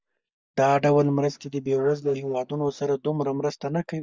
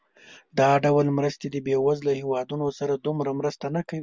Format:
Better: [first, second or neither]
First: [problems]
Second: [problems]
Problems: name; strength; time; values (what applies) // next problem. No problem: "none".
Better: second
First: noise reduction (neural mask model DeepFilterNet 3)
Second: none